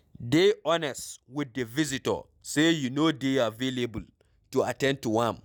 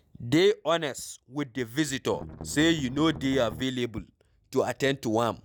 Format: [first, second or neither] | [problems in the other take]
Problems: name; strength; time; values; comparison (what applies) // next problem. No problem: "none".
first | background sound (Strum); 13 dB below the speech